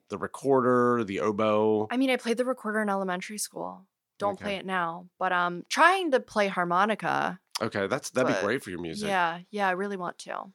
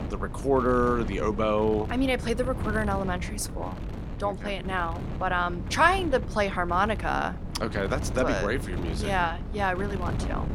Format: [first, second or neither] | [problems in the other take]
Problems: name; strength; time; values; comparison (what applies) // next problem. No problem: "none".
first | wind noise on the microphone; occasional gusts; 15 dB below the speech